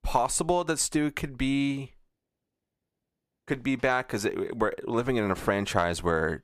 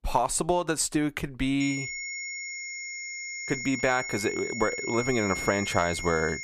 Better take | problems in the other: first | high-pitched whine; loud; from 1.5 s on; 2 kHz, 5 dB below the speech

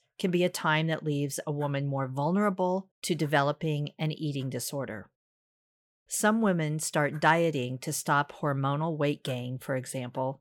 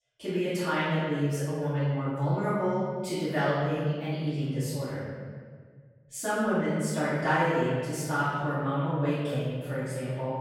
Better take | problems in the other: first | off-mic speech; far // room echo; strong; dies away in 1.8 s

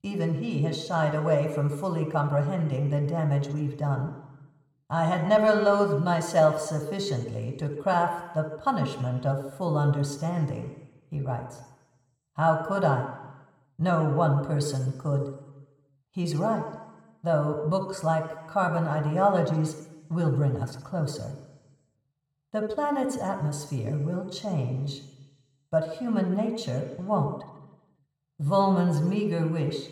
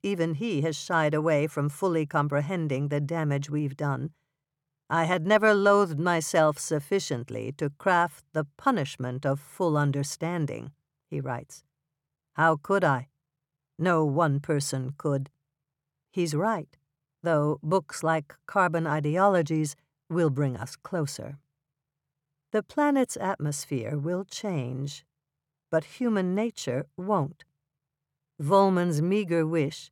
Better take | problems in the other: second | room echo; slight; dies away in 1 s

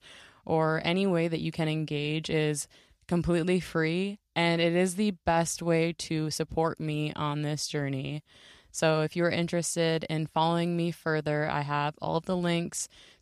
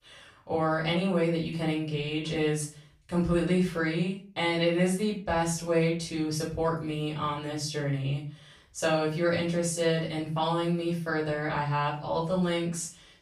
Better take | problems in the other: first | off-mic speech; far // room echo; slight; dies away in 0.3 s

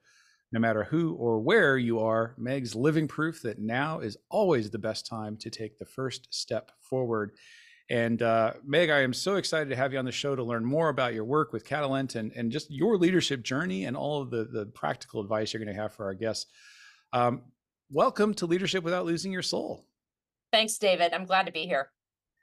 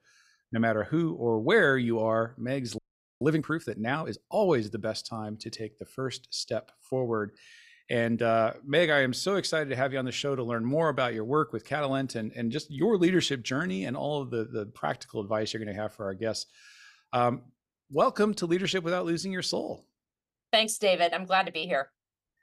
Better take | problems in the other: first | audio freezing; at 3 s

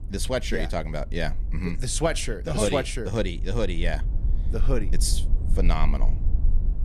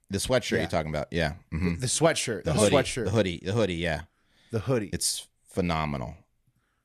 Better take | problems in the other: second | low rumble; noticeable; throughout; 20 dB below the speech

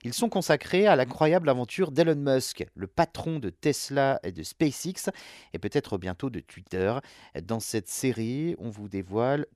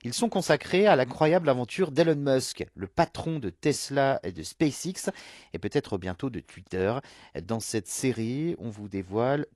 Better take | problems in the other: first | garbled, watery; slightly; nothing above 11.5 kHz

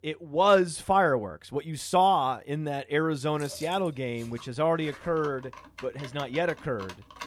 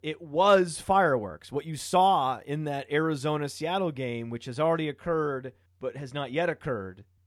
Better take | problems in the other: second | household noises; noticeable; from 3.5 s on; 20 dB below the speech

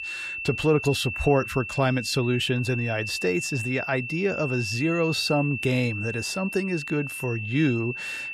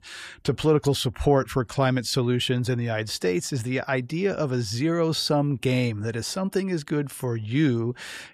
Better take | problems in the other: second | high-pitched whine; loud; throughout; 2.5 kHz, 6 dB below the speech

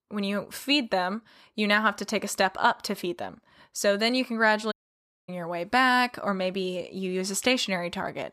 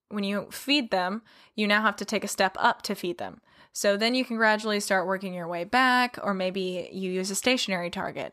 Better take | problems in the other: second | audio cutting out; at 4.5 s for 0.5 s

